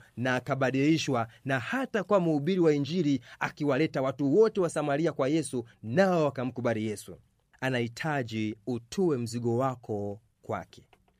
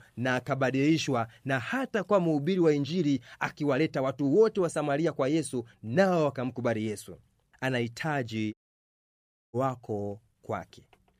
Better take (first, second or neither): first